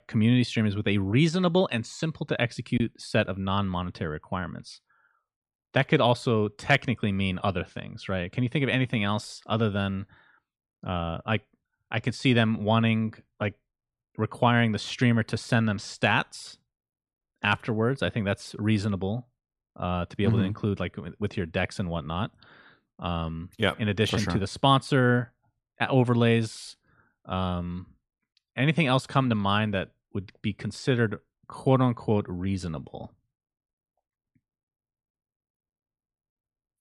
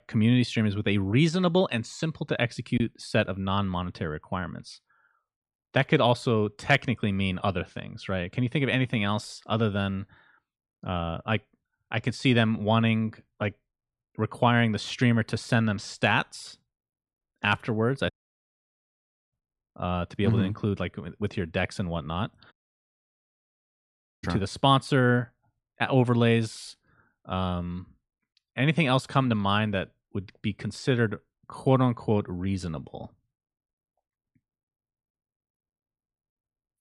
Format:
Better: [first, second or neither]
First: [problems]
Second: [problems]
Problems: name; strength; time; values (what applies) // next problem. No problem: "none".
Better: first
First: none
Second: audio cutting out; at 18 s for 1 s and at 23 s for 1.5 s